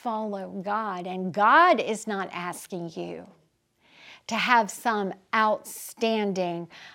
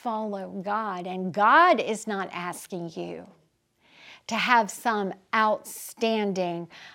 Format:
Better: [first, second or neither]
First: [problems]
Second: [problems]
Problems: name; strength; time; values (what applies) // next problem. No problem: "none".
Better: neither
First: none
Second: none